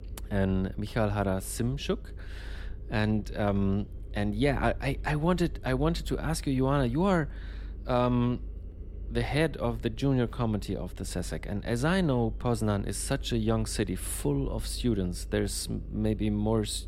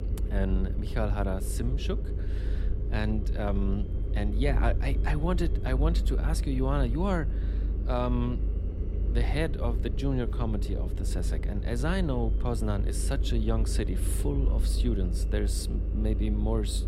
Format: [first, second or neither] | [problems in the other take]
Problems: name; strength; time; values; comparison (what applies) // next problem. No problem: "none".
first | low rumble; loud; throughout; 10 dB below the speech; faint in the first